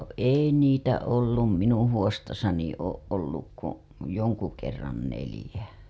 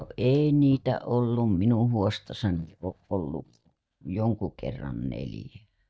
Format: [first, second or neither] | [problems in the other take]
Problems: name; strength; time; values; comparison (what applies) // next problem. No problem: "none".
first | noise reduction (neural mask model DeepFilterNet 3)